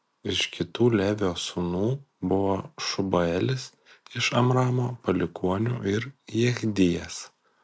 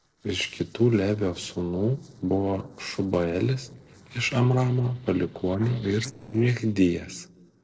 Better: first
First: none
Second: noise reduction (neural separator model SepFormer DNS4)

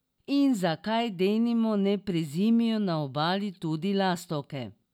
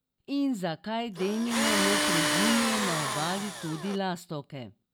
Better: first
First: none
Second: background sound (Tools); 2 dB above the speech

